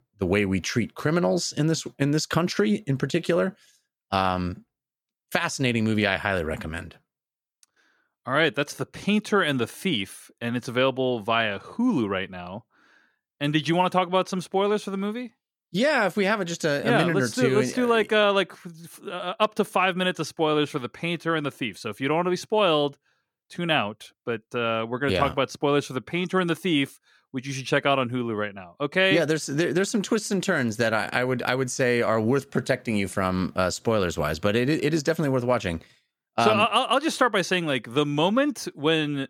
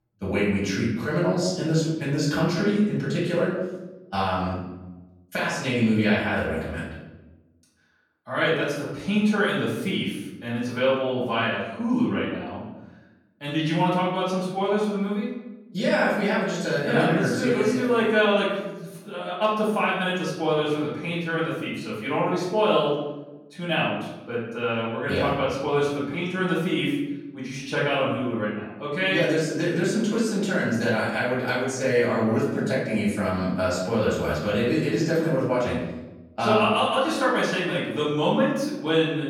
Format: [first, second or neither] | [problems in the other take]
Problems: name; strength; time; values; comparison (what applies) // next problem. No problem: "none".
first | room echo; noticeable; dies away in 1 s // off-mic speech; far